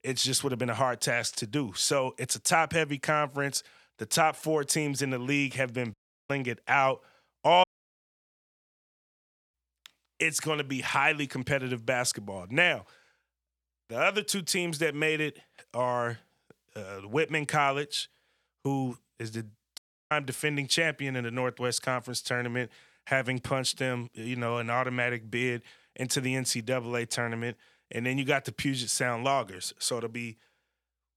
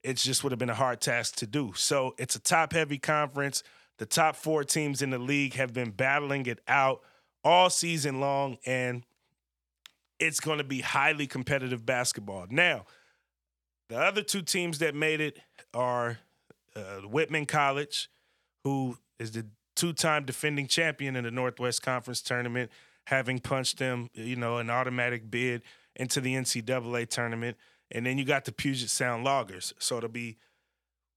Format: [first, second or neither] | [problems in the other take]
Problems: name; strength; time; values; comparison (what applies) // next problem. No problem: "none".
second | audio cutting out; at 6 s, at 7.5 s for 2 s and at 20 s